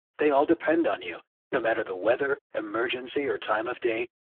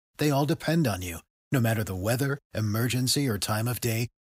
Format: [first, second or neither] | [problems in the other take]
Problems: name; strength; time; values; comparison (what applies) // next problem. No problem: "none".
second | phone-call audio; poor line